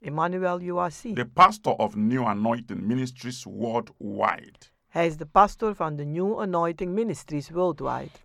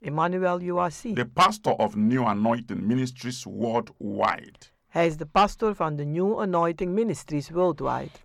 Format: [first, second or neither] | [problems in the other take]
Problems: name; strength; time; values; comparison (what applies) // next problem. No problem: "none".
first | distortion; slight; 10 dB below the speech